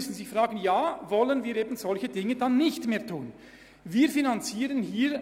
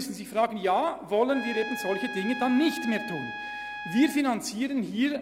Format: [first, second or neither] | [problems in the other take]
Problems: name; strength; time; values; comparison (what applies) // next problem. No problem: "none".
first | background sound (Trumpet); 10 dB below the speech